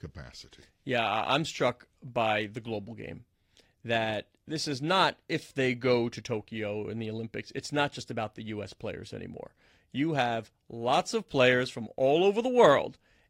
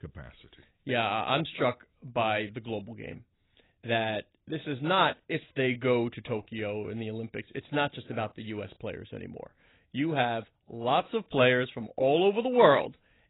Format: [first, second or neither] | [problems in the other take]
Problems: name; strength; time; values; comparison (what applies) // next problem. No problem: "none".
first | garbled, watery; badly; nothing above 4 kHz; slightly in the first